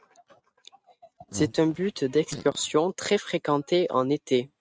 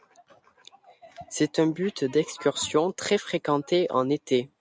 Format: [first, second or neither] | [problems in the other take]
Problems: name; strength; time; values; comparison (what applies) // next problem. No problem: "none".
second | noise reduction (neural mask model RNNoise)